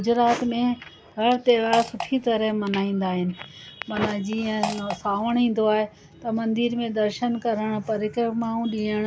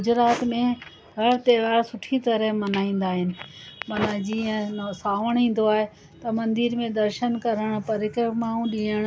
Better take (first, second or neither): second